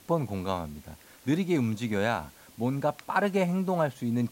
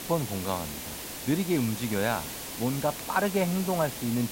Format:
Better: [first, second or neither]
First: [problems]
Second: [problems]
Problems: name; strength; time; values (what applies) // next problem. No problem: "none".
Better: first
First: hiss; faint; throughout; 25 dB below the speech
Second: hiss; loud; throughout; 7 dB below the speech